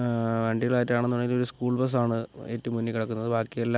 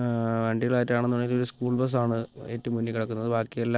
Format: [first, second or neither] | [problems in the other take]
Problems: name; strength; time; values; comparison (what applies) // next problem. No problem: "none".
first | noise reduction (neural separator model SepFormer DNS4)